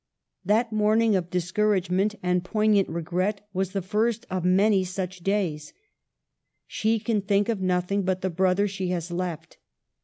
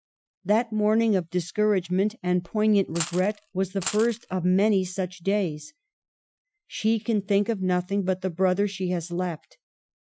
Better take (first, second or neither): first